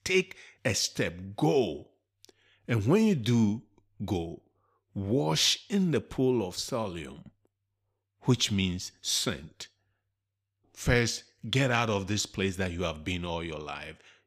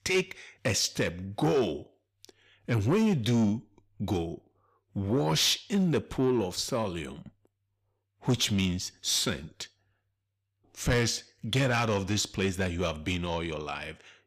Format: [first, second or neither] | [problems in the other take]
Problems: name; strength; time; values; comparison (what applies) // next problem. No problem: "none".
first | distortion; slight; 10 dB below the speech